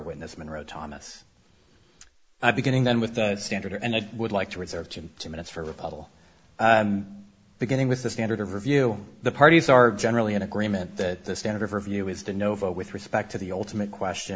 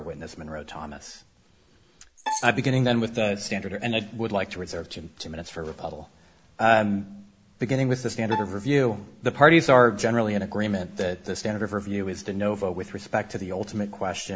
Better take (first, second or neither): first